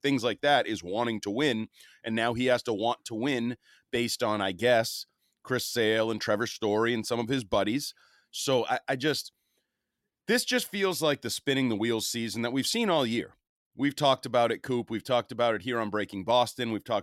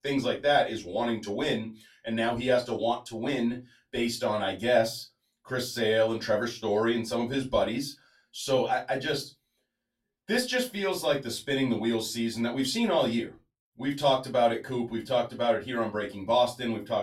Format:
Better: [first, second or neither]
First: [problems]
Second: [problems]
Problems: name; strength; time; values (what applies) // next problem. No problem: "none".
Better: first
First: none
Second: off-mic speech; far // room echo; very slight; dies away in 0.2 s